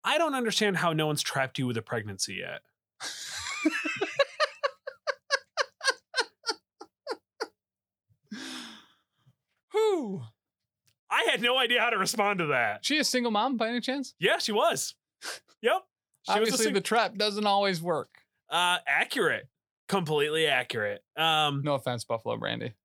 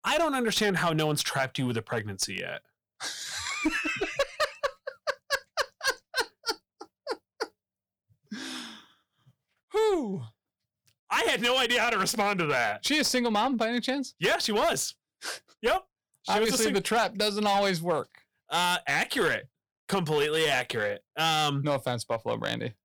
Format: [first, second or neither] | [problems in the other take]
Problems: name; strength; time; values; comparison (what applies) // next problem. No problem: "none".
first | distortion; slight; 6% of the sound clipped